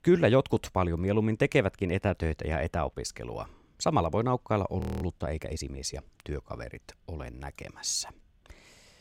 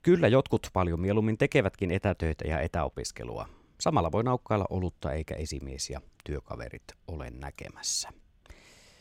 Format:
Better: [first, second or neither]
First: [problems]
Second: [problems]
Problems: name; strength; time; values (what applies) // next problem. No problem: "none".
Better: second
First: audio freezing; at 5 s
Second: none